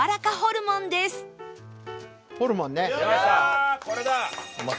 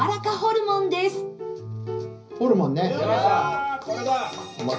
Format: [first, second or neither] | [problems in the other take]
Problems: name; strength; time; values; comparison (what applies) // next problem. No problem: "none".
first | room echo; dies away in 0.5 s